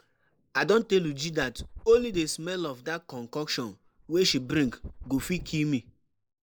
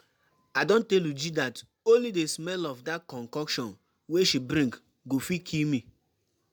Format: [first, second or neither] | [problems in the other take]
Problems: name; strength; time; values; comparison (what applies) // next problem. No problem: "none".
second | noise reduction (neural mask model Resemble Enhance denoiser)